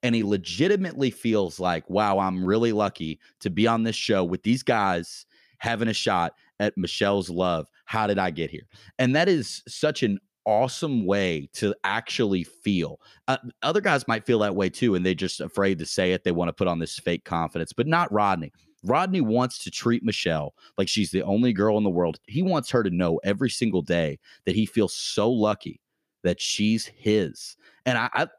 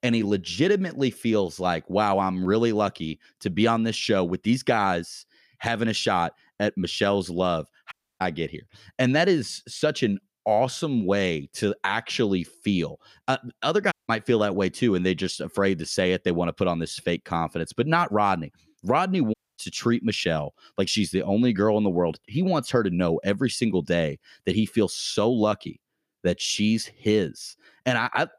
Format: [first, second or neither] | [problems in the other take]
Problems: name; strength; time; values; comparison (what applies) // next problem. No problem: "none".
first | audio cutting out; at 8 s, at 14 s and at 19 s